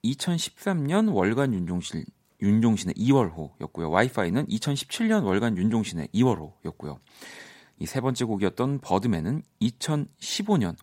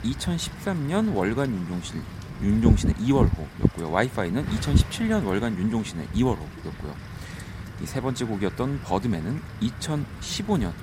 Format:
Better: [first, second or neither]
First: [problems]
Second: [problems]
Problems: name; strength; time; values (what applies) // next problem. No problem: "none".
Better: first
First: none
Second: wind noise on the microphone; heavy; 9 dB below the speech